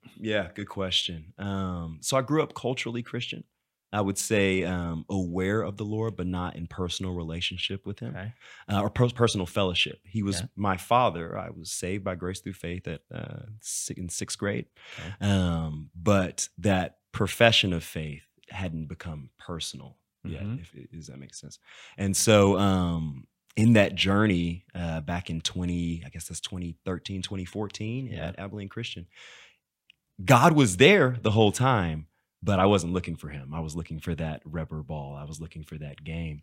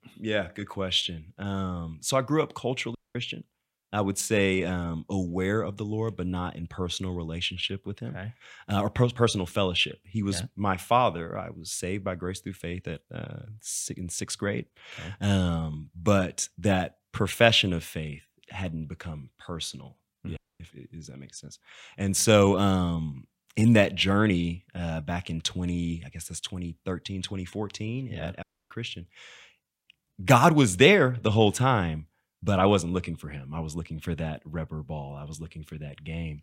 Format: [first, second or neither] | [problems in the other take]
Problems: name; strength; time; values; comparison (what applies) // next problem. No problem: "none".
first | audio cutting out; at 3 s, at 20 s and at 28 s